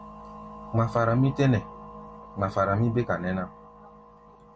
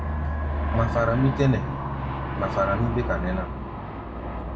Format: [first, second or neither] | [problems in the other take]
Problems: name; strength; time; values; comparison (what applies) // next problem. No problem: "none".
first | background sound (Aircraft); 2 dB below the speech // room echo; dies away in 1.5 s